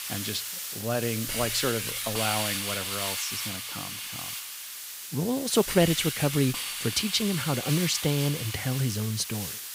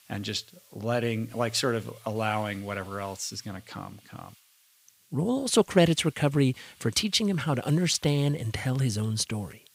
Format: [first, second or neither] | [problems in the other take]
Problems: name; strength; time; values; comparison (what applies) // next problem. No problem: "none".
second | hiss; loud; throughout; 3 dB below the speech; faint in the second